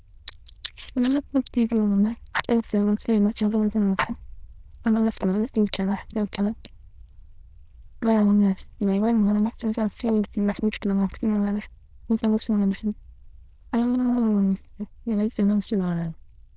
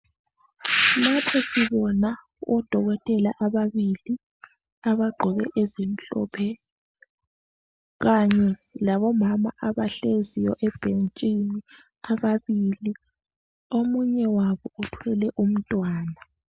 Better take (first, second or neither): second